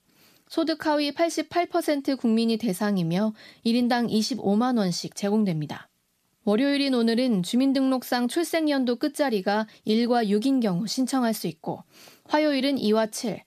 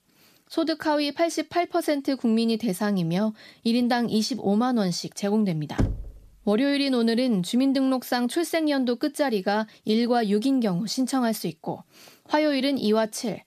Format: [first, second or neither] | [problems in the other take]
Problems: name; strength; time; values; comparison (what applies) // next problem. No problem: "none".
first | door banging; noticeable; at 6 s; peak 4 dB below the speech